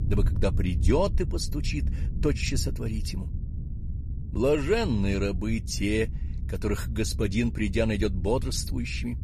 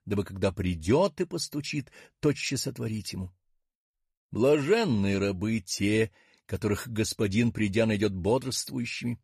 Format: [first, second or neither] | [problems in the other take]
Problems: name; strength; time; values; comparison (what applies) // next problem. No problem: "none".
second | low rumble; noticeable; throughout; 15 dB below the speech